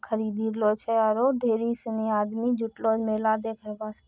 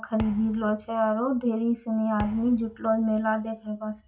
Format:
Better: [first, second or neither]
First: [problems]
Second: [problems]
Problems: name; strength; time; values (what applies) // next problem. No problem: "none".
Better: first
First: none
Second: background sound (Thump, thud); 17 dB below the speech // room echo; dies away in 0.2 s